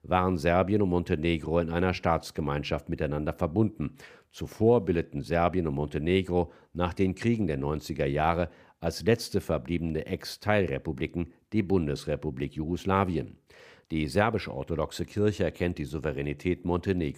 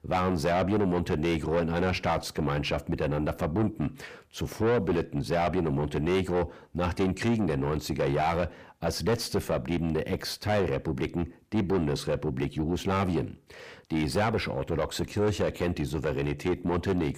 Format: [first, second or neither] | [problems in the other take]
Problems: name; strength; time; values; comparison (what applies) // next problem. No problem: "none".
first | distortion; heavy; 5 dB below the speech